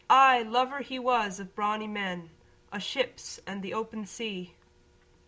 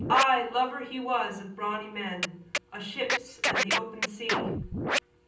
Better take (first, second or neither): first